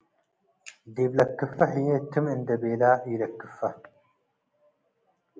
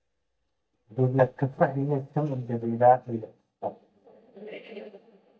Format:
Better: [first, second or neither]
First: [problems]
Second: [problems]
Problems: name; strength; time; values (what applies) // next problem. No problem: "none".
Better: first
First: none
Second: noise reduction (neural mask model DeepFilterNet 3)